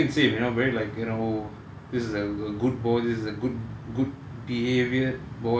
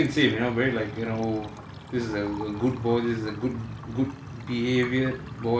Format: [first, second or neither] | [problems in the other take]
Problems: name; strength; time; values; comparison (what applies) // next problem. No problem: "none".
first | background sound (Liquid); 20 dB below the speech